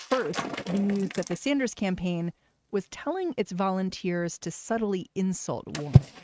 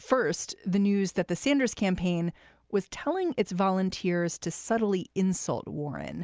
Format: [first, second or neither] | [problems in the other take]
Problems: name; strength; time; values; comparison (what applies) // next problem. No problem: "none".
second | noise reduction (neural mask model RNNoise)